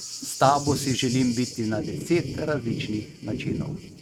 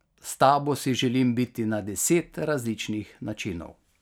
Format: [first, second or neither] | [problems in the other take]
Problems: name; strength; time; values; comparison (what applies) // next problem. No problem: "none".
second | noise reduction (neural mask model RNNoise)